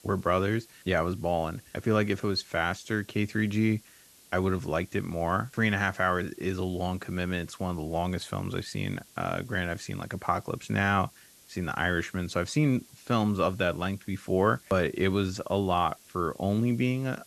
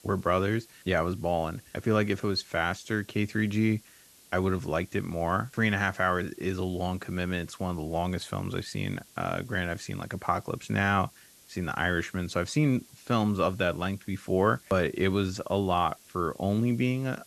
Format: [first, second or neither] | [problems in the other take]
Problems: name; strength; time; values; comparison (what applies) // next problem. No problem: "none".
neither | hiss; faint; throughout; 25 dB below the speech; the same in both